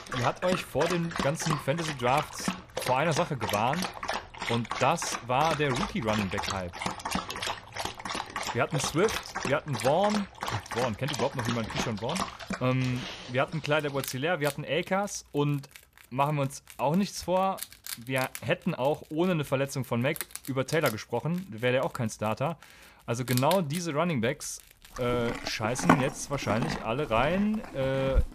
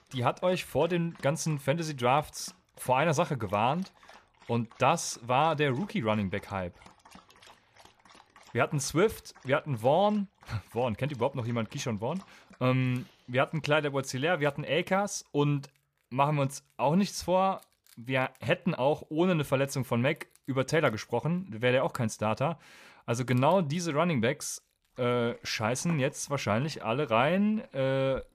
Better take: second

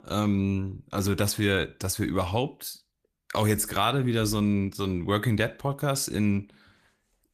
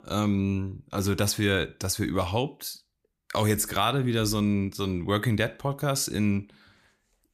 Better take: second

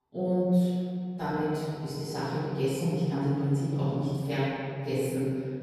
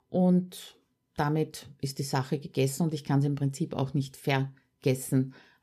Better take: second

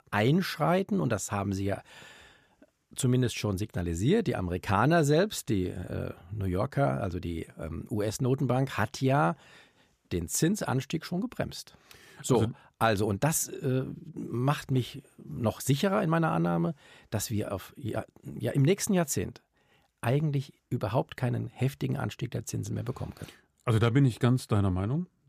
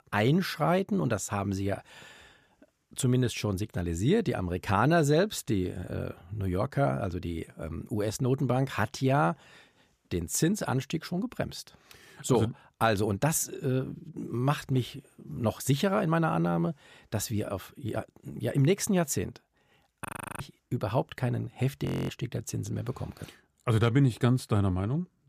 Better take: first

